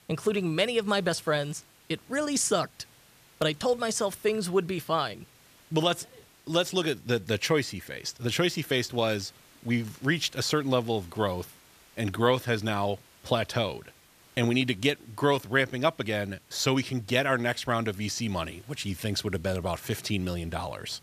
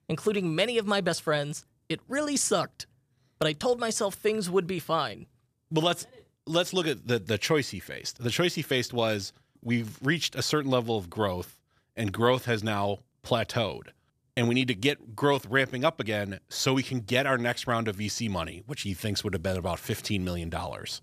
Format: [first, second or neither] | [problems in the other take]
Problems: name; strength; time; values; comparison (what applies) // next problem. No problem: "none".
second | hiss; faint; throughout; 30 dB below the speech